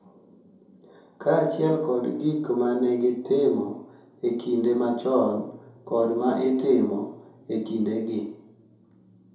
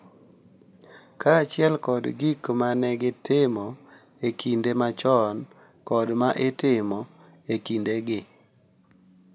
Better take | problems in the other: second | room echo; dies away in 2.6 s

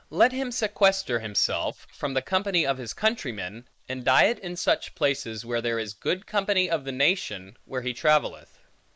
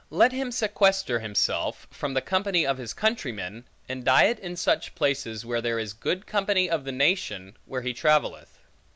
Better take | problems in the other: second | noise reduction (neural mask model Resemble Enhance denoiser)

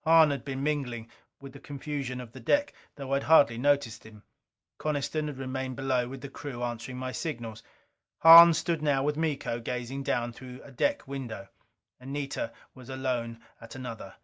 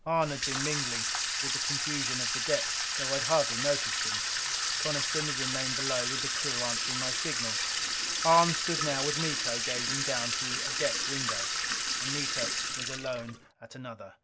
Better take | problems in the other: first | background sound (Sink (filling or washing) / Water tap, faucet); 3 dB above the speech

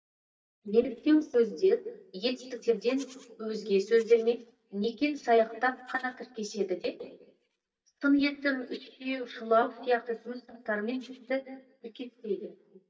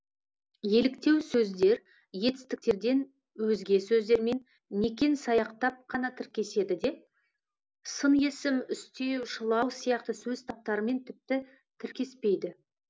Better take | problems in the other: second | noise reduction (neural mask model DeepFilterNet 3)

